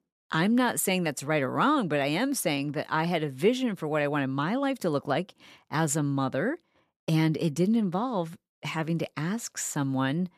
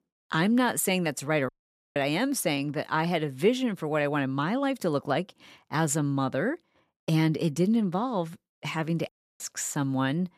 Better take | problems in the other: first | audio cutting out; at 1.5 s and at 9 s

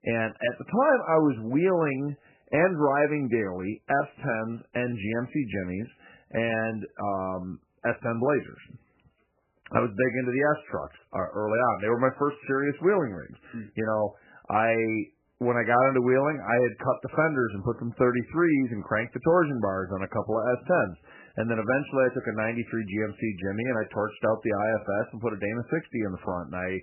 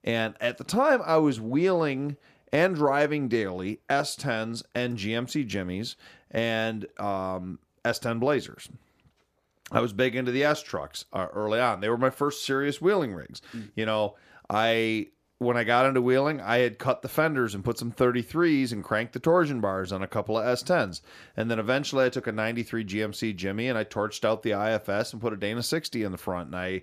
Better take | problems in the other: second | garbled, watery; badly; nothing above 2.5 kHz

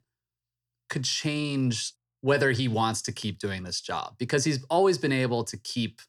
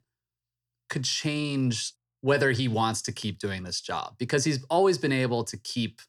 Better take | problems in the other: neither | none

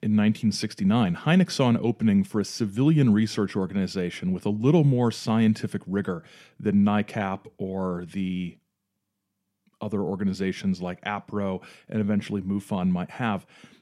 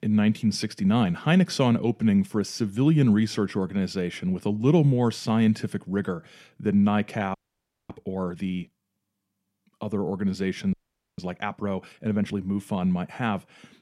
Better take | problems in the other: first | audio freezing; at 7.5 s for 0.5 s and at 11 s

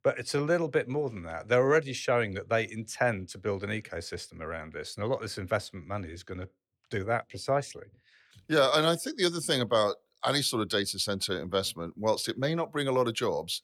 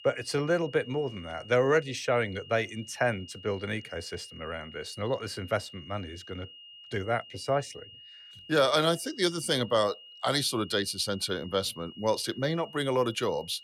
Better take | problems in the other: first | high-pitched whine; noticeable; throughout; 3 kHz, 20 dB below the speech

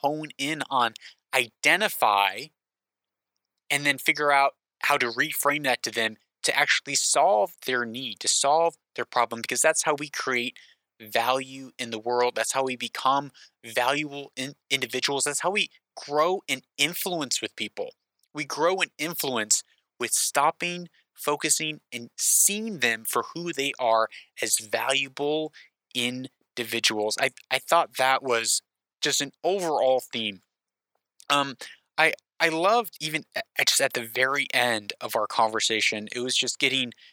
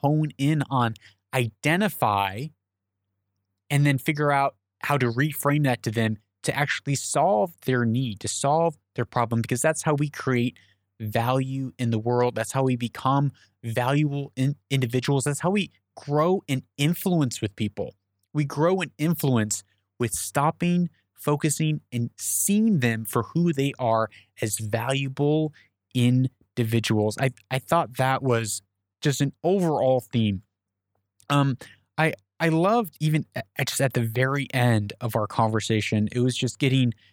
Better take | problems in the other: second | thin; very; fading below 500 Hz

